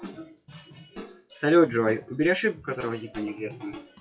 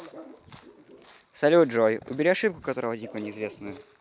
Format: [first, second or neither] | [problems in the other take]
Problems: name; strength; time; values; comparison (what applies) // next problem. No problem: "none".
second | noise reduction (classical method WPE with log-MMSE)